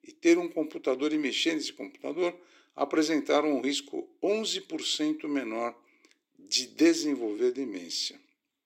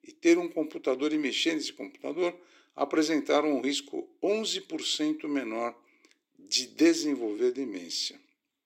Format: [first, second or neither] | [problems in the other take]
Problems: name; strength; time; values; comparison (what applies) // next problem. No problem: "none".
neither | thin; very slightly; fading below 300 Hz; the same in both